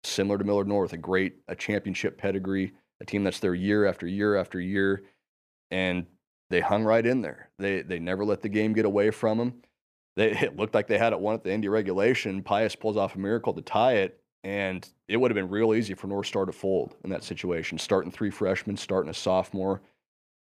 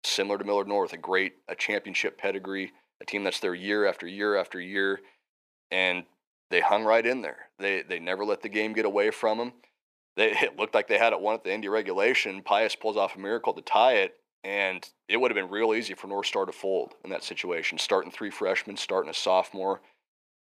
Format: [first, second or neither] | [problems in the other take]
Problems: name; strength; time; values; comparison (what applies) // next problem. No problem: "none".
first | thin; somewhat; fading below 400 Hz